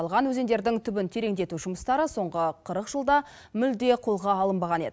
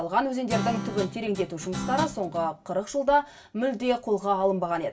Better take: first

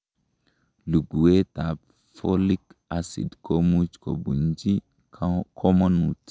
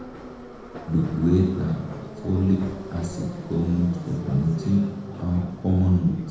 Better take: first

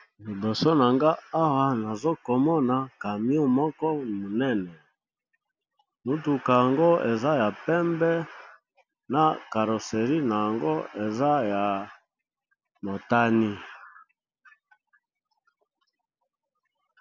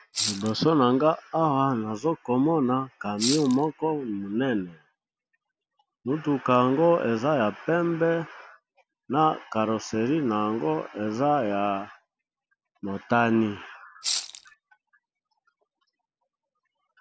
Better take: first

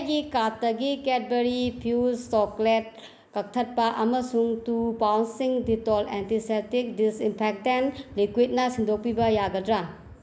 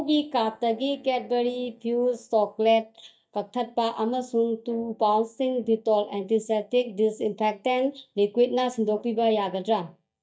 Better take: first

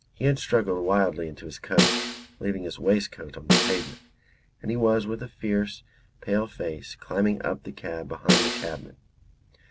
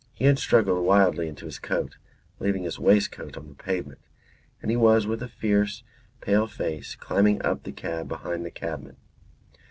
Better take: second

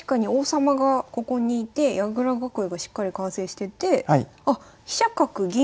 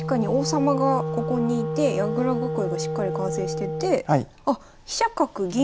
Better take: first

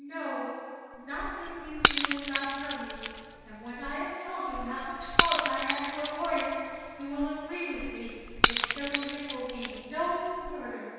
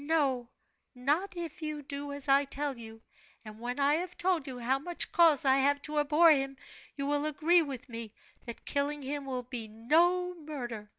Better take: second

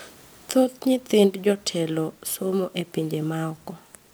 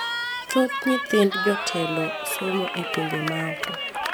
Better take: first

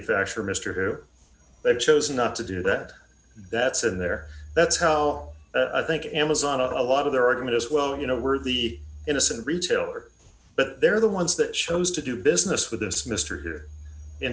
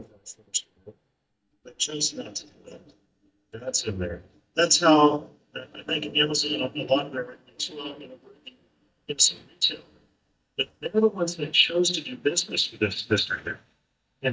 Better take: first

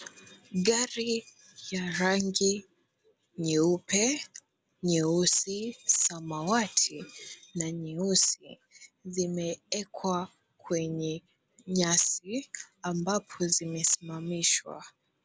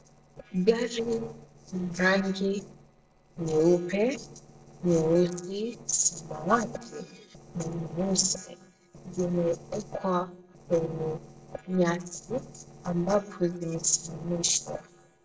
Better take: first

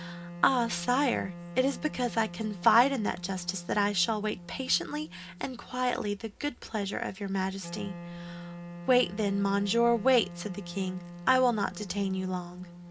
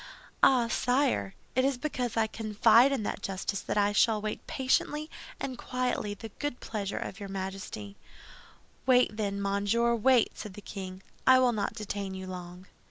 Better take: second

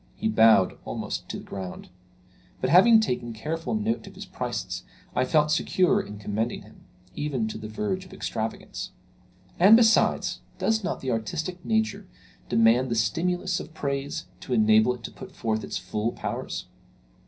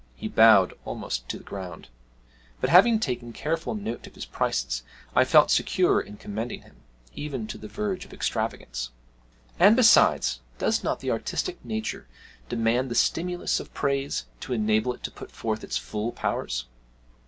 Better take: second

